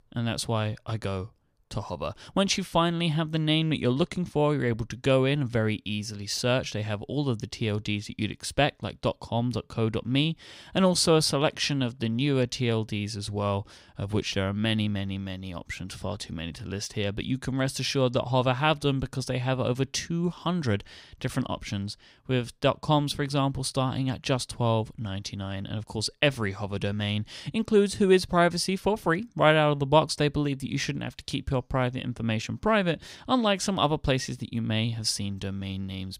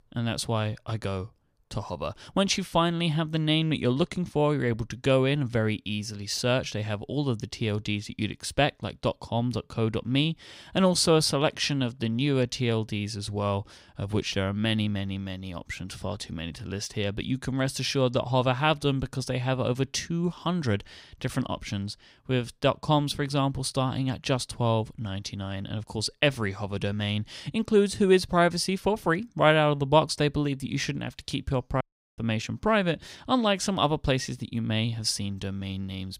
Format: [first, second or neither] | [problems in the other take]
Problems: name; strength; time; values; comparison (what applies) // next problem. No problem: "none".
first | audio cutting out; at 32 s